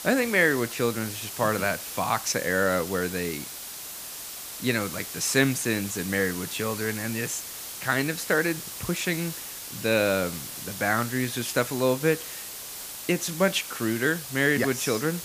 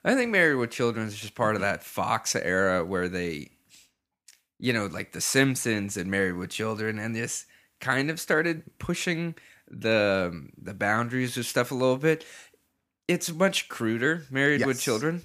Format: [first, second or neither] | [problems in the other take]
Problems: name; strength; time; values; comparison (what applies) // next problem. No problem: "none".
second | hiss; loud; throughout; 9 dB below the speech